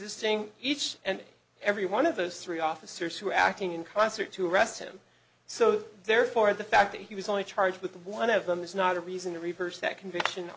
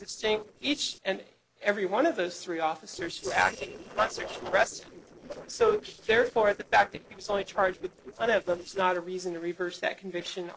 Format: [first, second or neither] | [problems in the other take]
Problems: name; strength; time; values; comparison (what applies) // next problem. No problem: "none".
first | noise reduction (neural separator model SepFormer DNS4)